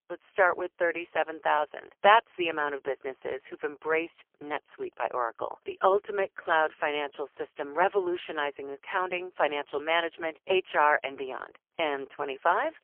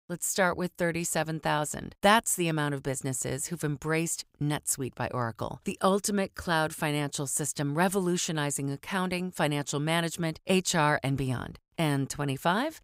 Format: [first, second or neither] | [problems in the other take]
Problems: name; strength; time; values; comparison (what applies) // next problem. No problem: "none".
second | phone-call audio; poor line; nothing above 3 kHz